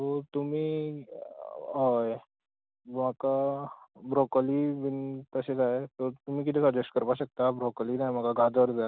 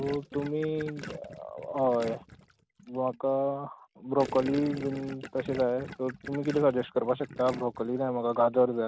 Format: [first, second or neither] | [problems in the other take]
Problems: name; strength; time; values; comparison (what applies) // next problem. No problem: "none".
first | background sound (Gurgling); 15 dB below the speech